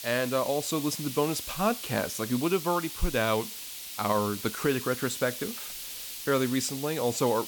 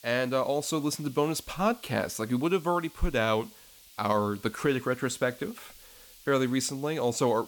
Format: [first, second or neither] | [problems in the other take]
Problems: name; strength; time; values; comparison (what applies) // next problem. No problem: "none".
second | hiss; loud; throughout; 7 dB below the speech; faint in the second